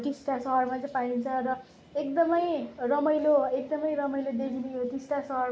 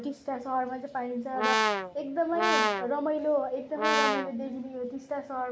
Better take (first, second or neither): first